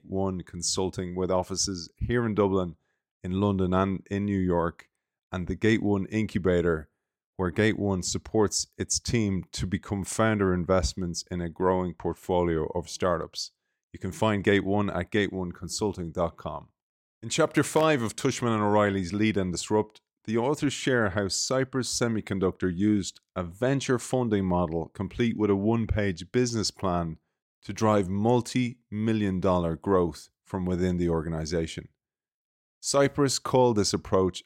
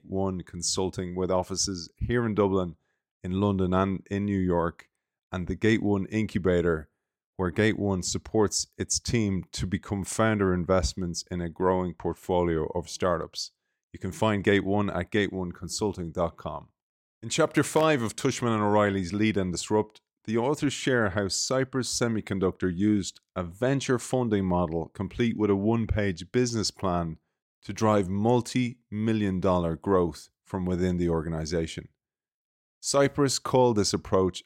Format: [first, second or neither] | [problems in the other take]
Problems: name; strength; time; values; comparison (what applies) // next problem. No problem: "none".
neither | none